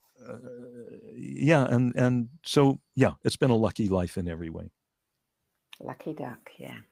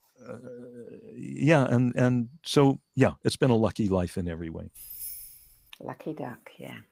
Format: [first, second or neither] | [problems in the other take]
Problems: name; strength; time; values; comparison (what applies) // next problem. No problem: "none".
first | jangling keys; faint; at 5 s; peak 10 dB below the speech